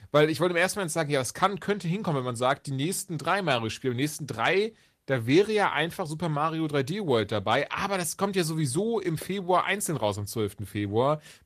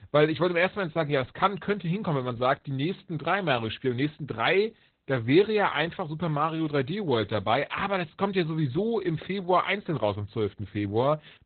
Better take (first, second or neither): first